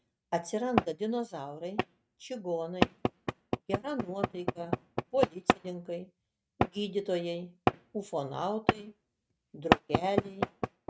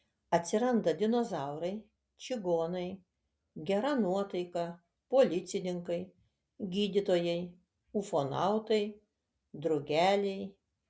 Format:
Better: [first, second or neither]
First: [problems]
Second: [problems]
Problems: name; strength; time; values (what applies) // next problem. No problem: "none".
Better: second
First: noise reduction (neural mask model RNNoise)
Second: none